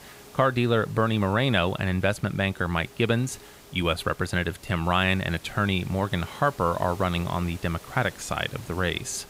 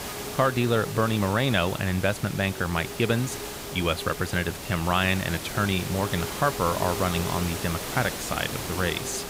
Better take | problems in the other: first | hiss; loud; throughout; 7 dB below the speech; faint in the first

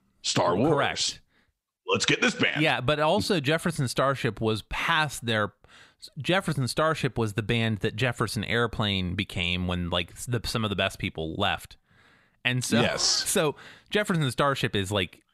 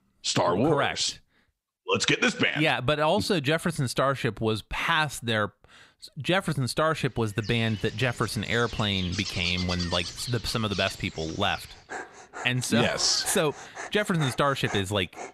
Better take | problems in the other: first | animal sounds; noticeable; from 7.5 s on; 10 dB below the speech

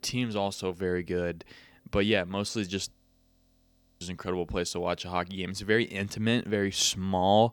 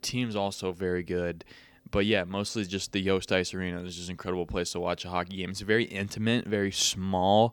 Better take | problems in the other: second | audio freezing; at 3 s for 1 s

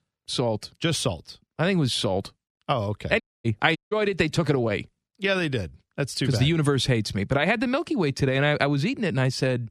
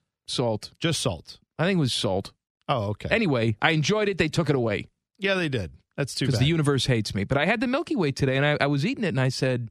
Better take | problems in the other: second | audio cutting out; at 3 s and at 4 s

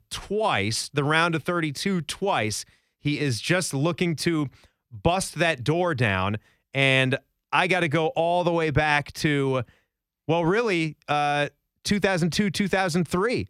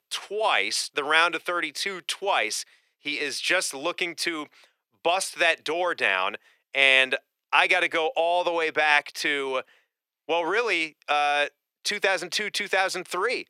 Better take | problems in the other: first | thin; very; fading below 450 Hz

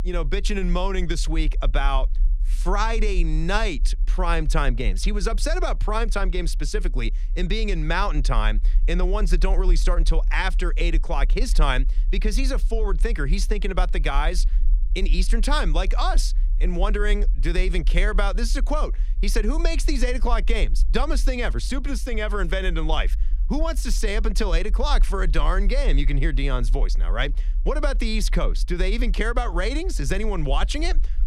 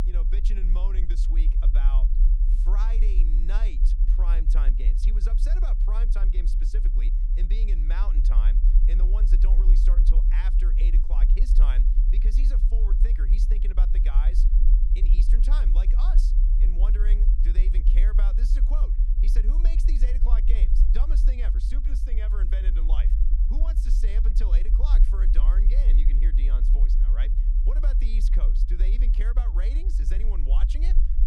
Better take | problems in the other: first | low rumble; loud; throughout; 4 dB below the speech; faint in the first

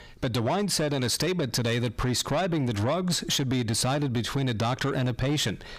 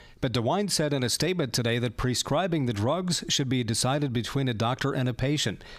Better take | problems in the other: second | distortion; slight; 10 dB below the speech

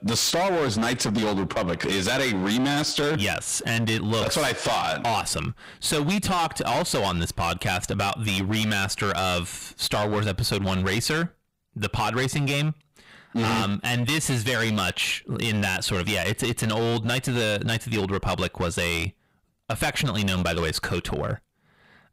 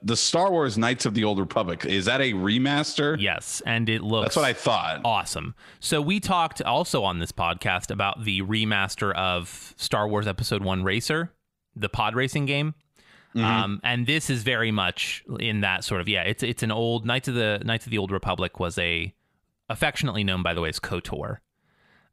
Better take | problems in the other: second | distortion; heavy; 20% of the sound clipped

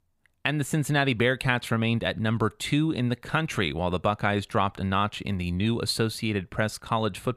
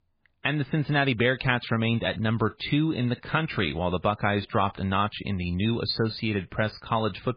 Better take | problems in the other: first | garbled, watery; badly; nothing above 4.5 kHz

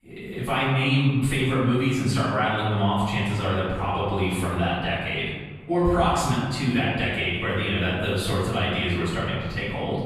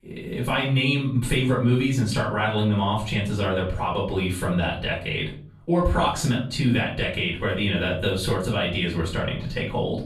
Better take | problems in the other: second | room echo; strong; dies away in 1.3 s; slight in the second // off-mic speech; far; far in the second

